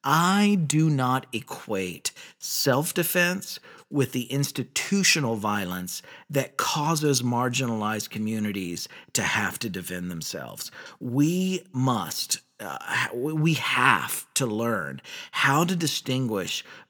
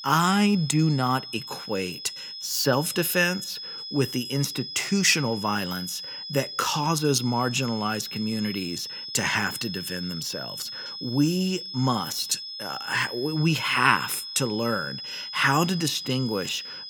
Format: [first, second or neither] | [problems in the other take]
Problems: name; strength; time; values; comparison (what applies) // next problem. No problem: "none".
first | high-pitched whine; loud; throughout; 5 kHz, 9 dB below the speech